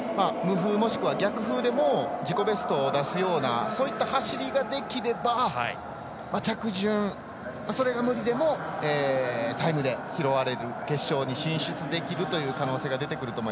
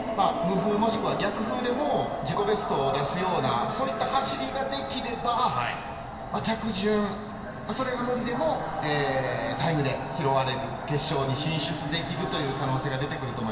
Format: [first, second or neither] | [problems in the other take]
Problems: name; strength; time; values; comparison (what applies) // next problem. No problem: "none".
first | background sound (Dog); 20 dB below the speech // room echo; dies away in 1.4 s